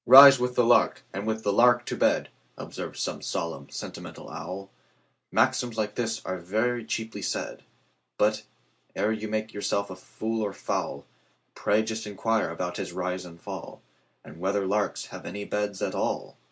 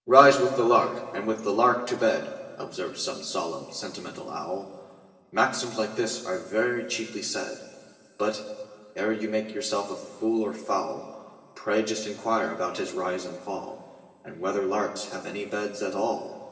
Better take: first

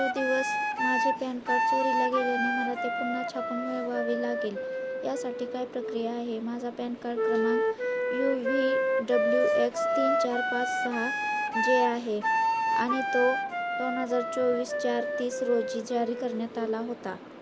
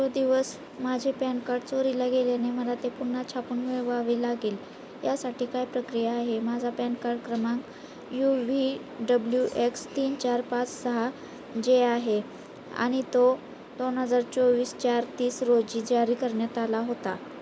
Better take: second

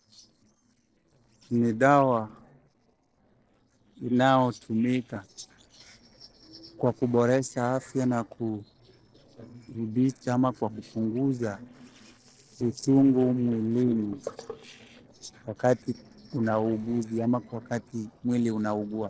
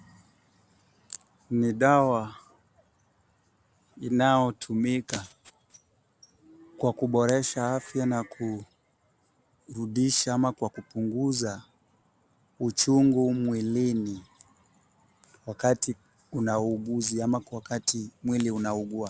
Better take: second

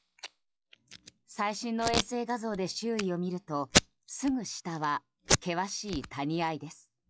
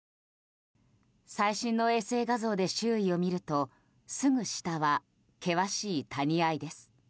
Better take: second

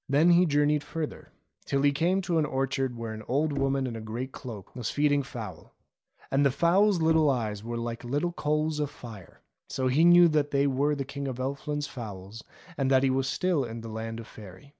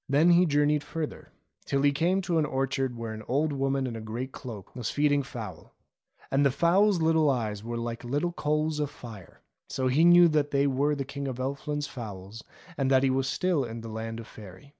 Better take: second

